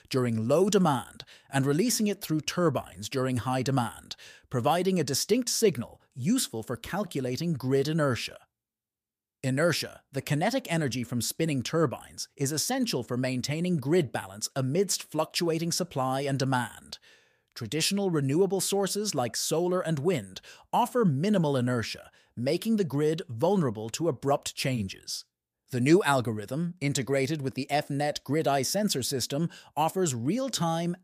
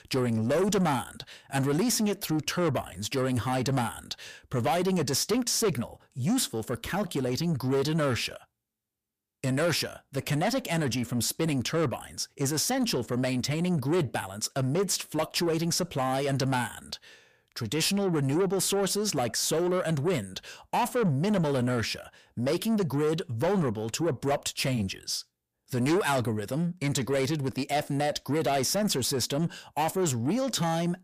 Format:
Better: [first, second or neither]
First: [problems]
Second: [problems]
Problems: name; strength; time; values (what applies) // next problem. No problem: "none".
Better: first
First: none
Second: distortion; slight; 10 dB below the speech